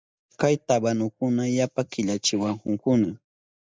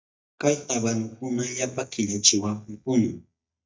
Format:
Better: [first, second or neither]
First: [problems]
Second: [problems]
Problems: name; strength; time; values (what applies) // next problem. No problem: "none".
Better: first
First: none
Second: noise reduction (neural mask model DeepFilterNet 3)